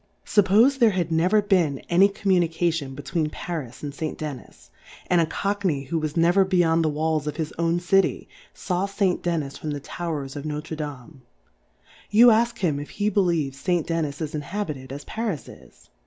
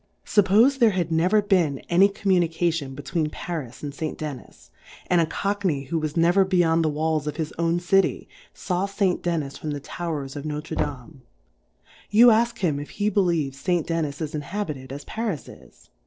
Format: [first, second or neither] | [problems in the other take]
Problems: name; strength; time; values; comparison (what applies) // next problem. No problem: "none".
first | noise reduction (neural separator model SepFormer DNS4)